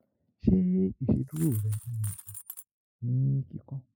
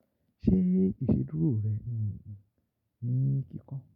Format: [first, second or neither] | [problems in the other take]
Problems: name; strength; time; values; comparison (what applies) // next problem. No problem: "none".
second | noise reduction (classical method spectral subtraction)